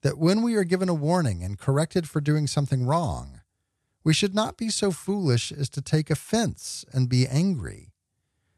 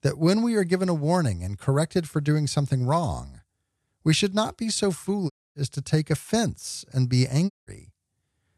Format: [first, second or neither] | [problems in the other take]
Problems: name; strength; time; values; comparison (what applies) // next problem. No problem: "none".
first | audio cutting out; at 5.5 s and at 7.5 s